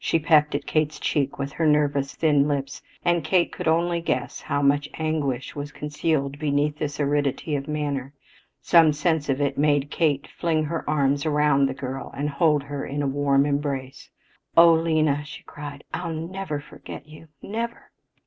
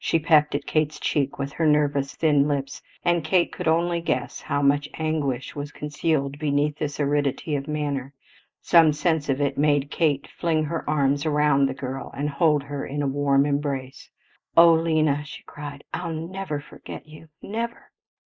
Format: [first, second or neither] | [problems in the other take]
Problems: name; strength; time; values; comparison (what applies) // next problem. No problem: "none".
first | noise reduction (neural mask model Resemble Enhance denoiser)